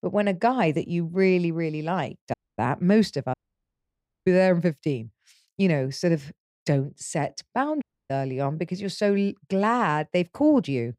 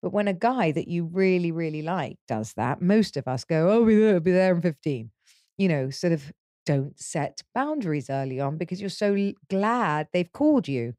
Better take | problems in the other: second | audio cutting out; at 2.5 s, at 3.5 s for 1 s and at 8 s

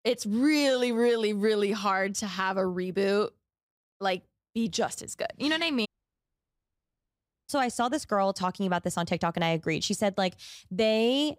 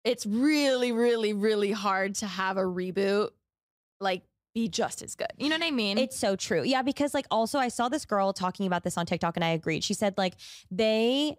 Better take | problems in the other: second | audio cutting out; at 6 s for 1.5 s

